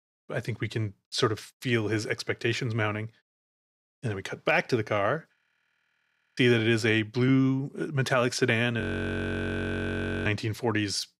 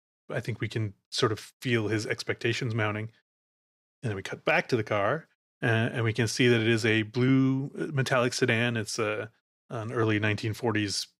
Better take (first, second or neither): second